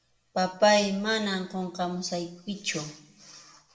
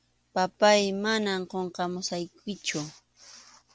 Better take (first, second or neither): second